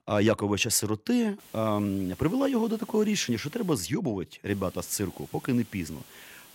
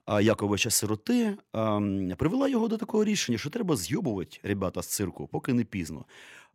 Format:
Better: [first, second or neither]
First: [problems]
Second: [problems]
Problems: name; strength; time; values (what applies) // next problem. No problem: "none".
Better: second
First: hiss; faint; from 1.5 to 3.5 s and from 4.5 s on; 20 dB below the speech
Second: none